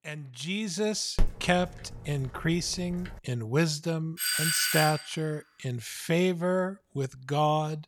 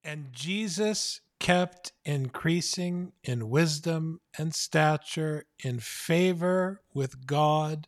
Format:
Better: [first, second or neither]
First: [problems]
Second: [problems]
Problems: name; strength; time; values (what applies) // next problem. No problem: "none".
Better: second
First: dog barking; noticeable; at 1 s; peak 5 dB below the speech // doorbell; loud; at 4 s; peak 5 dB above the speech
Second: none